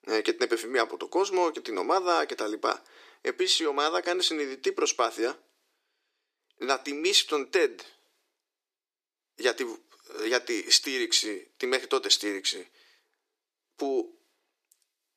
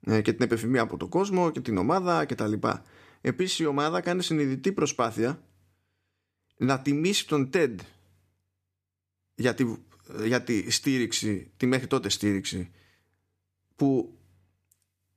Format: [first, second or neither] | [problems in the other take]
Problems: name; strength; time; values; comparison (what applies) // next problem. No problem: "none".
second | thin; very; fading below 350 Hz